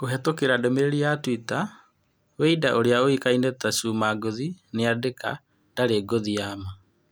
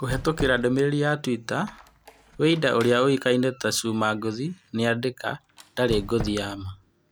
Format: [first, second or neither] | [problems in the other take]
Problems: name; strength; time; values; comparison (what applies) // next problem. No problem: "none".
first | background sound (Squeak); 15 dB below the speech